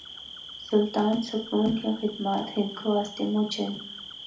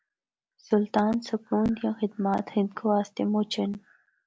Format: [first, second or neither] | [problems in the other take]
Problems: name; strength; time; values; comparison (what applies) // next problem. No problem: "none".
second | background sound (Cricket); 14 dB below the speech // room echo; dies away in 0.4 s